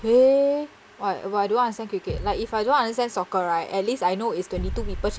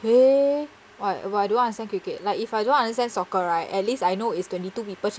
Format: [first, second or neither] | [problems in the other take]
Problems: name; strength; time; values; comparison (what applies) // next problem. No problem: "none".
second | background sound (Thump, thud); 13 dB below the speech